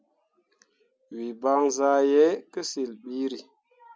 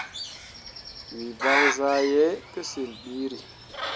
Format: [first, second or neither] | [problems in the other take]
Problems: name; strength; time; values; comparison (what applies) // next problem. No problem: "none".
first | background sound (Bird); 4 dB below the speech